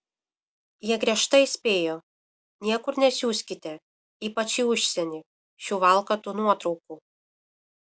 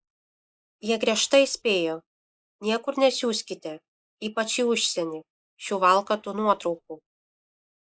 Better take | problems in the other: first | noise reduction (neural mask model Resemble Enhance denoiser)

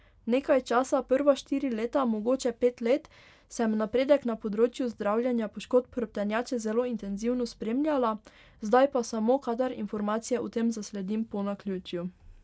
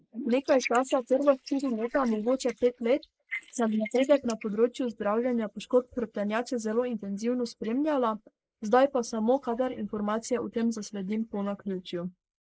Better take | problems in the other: first | noise reduction (neural mask model Resemble Enhance denoiser)

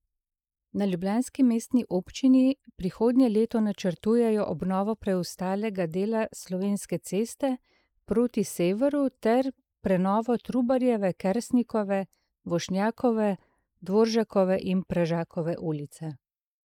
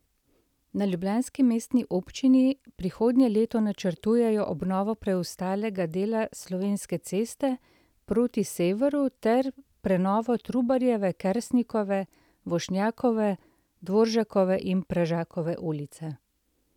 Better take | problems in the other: second | noise reduction (neural mask model Resemble Enhance denoiser)

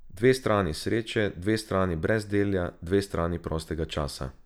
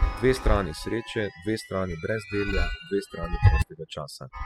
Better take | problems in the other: first | noise reduction (classical method spectral subtraction)

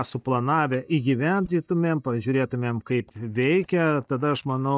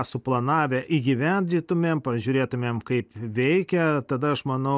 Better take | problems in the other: second | noise reduction (neural mask model DeepFilterNet 3)

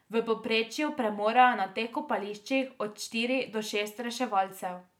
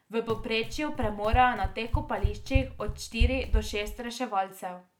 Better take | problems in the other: first | background sound (Run); as loud as the speech

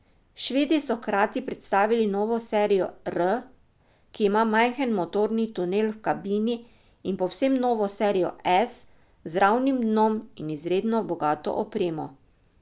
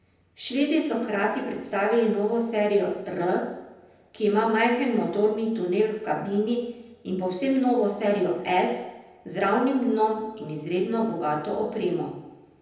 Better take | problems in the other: first | room echo; dies away in 0.9 s

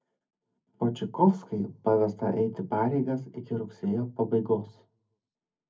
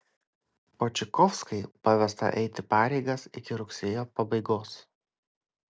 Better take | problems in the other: second | room echo; dies away in 0.3 s

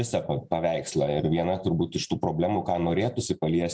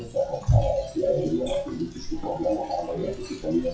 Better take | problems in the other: first | noise reduction (classical method WPE with log-MMSE)

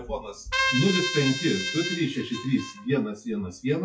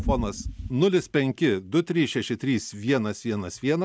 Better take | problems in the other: second | noise reduction (classical method WPE with log-MMSE)

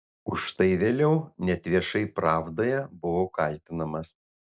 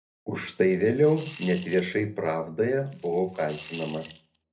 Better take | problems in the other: first | background sound (Coin (dropping) / Glass); 20 dB below the speech // room echo; dies away in 0.3 s

